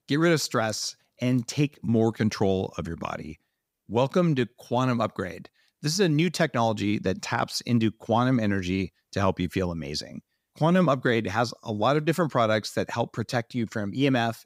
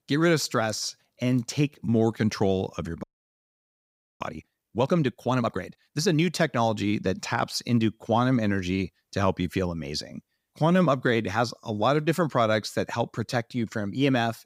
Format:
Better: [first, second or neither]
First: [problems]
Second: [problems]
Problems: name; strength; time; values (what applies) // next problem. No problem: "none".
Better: first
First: none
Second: audio freezing; at 3 s for 1 s